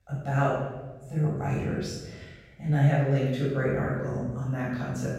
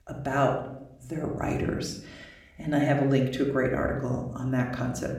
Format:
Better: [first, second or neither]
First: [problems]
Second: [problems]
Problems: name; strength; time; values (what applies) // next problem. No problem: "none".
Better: second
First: room echo; strong; dies away in 1 s // off-mic speech; far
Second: room echo; slight; dies away in 0.6 s // off-mic speech; somewhat distant